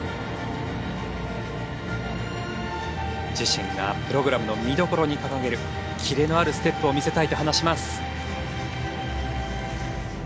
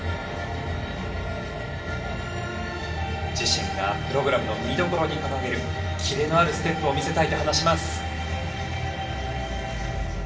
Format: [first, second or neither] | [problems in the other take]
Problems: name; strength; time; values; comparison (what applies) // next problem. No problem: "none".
first | room echo; dies away in 0.8 s